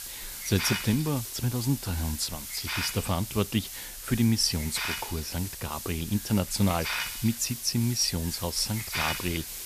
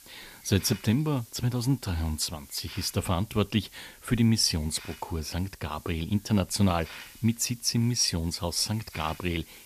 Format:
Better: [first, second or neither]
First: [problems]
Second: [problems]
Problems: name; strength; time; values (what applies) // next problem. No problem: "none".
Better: second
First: hiss; loud; throughout; 5 dB below the speech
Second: hiss; faint; throughout; 20 dB below the speech